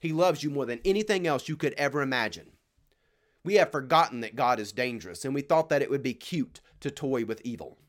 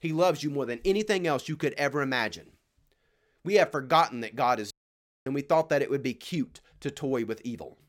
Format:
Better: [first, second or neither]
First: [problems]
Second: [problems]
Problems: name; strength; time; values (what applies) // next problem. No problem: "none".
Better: first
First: none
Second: audio cutting out; at 4.5 s for 0.5 s